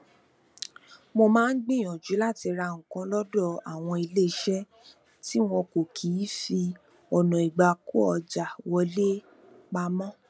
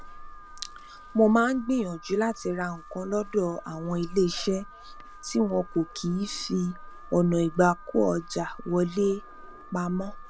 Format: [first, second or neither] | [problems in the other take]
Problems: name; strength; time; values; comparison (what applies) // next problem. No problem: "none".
first | background sound (Livestock, farm animals, working animals + Alarm); 15 dB below the speech